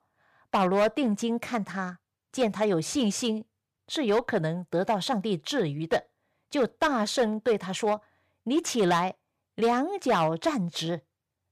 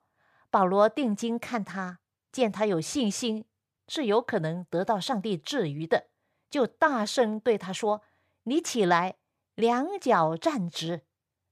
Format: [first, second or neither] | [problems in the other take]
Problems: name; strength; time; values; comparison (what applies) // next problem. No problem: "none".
second | distortion; slight; 4% of the sound clipped